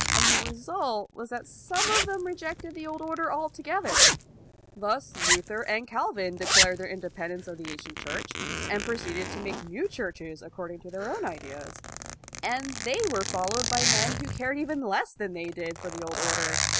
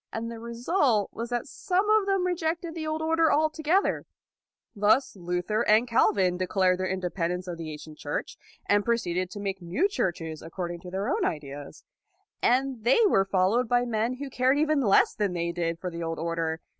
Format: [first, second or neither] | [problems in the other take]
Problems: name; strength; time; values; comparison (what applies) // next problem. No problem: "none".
second | background sound (Zipper (clothing)); 2 dB above the speech